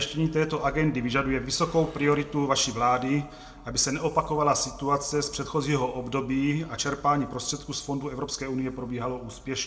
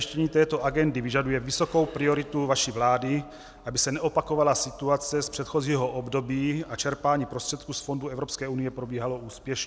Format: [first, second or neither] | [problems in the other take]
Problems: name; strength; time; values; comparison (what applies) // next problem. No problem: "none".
second | room echo; dies away in 0.6 s